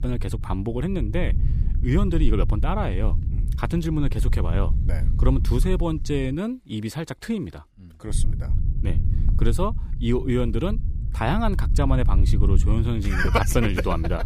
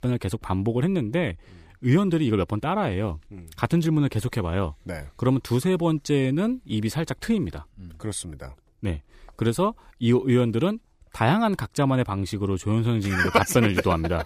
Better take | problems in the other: second | low rumble; noticeable; until 6.5 s and from 8 s on; 15 dB below the speech

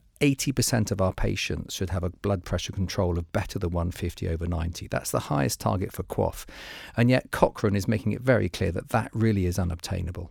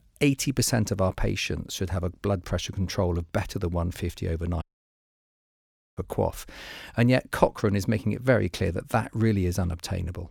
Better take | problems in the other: first | audio cutting out; at 4.5 s for 1.5 s

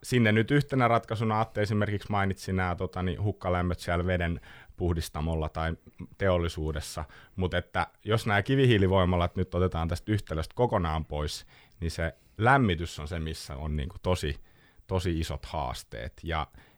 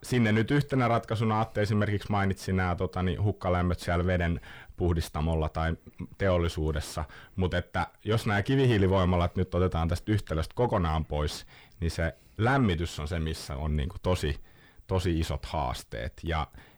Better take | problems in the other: first | distortion; slight; 10 dB below the speech

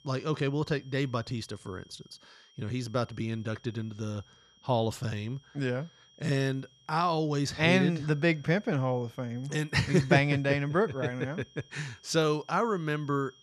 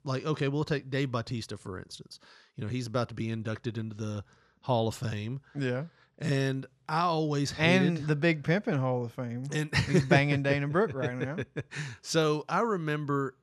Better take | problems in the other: second | high-pitched whine; faint; throughout; 3.5 kHz, 30 dB below the speech

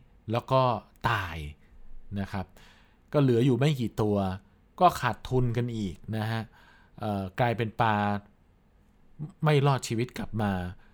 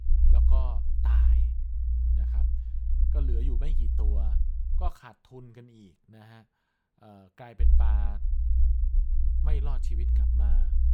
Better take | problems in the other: first | low rumble; loud; until 5 s and from 7.5 s on; 1 dB below the speech

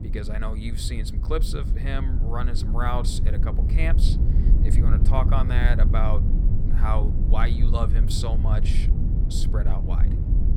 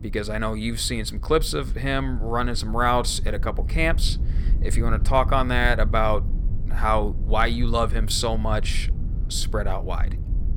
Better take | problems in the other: second | low rumble; loud; throughout; 6 dB below the speech; faint in the second

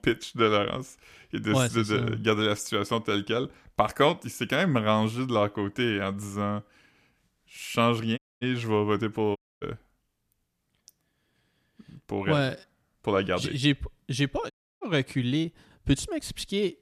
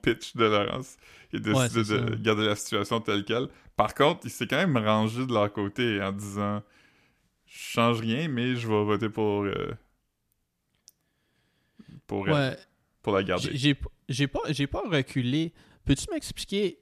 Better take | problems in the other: second | audio cutting out; at 8 s, at 9.5 s and at 15 s

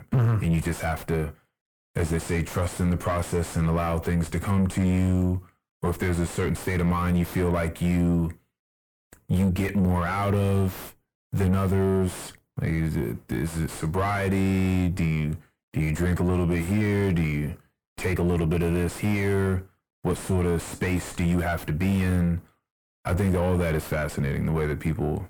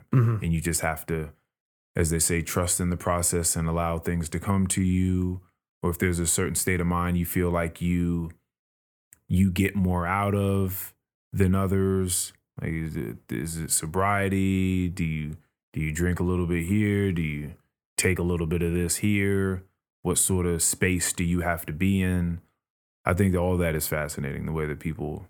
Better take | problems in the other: second | distortion; heavy; 5 dB below the speech

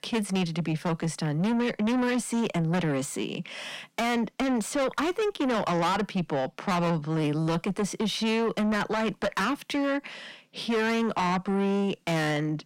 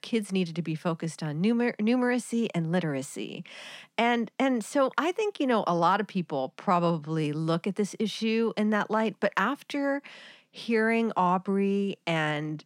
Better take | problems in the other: second | distortion; heavy; 7 dB below the speech

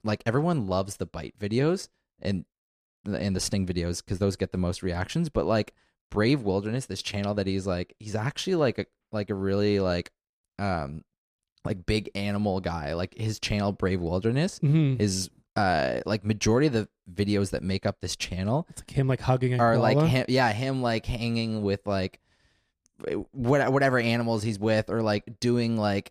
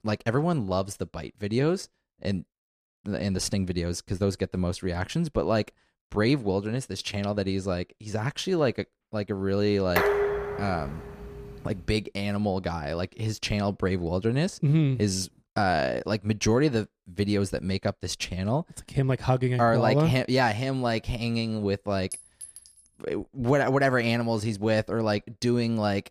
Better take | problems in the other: first | clattering dishes; loud; from 10 to 11 s; peak 3 dB above the speech // clattering dishes; faint; at 22 s; peak 10 dB below the speech

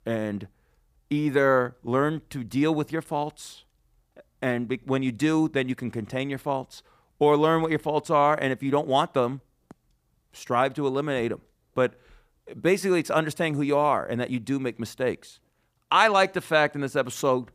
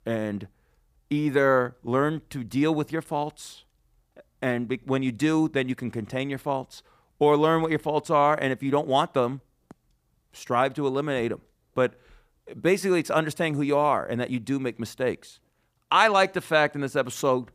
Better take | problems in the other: neither | none

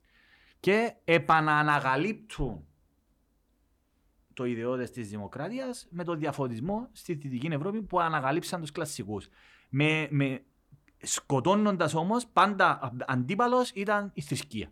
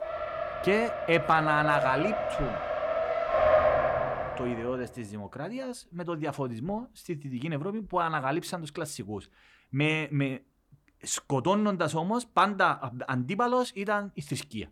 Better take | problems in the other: first | traffic noise; very loud; until 4 s; as loud as the speech

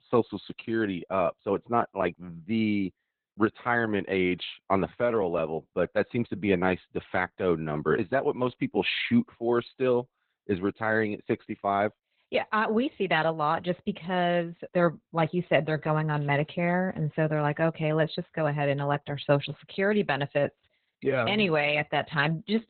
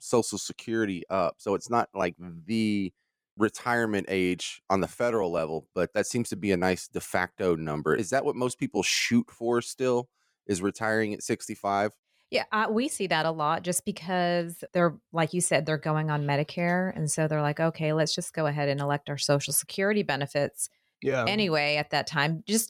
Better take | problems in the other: second | garbled, watery; badly; nothing above 4 kHz

